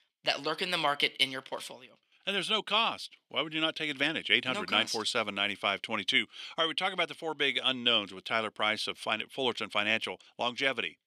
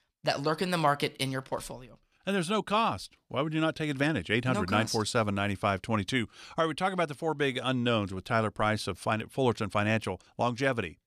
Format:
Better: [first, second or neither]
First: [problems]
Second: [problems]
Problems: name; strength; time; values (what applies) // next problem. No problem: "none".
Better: second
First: thin; very slightly; fading below 250 Hz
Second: none